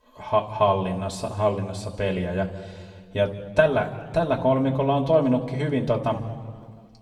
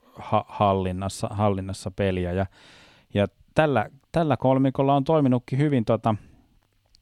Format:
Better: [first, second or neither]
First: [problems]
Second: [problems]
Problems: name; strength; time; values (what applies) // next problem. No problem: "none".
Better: second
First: room echo; slight; dies away in 1.3 s // off-mic speech; somewhat distant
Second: none